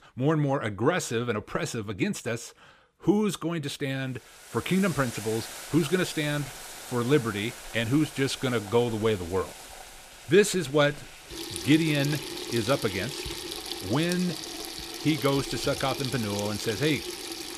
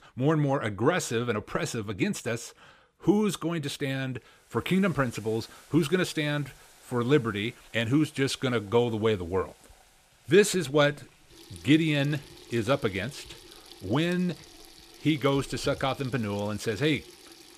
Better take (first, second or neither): second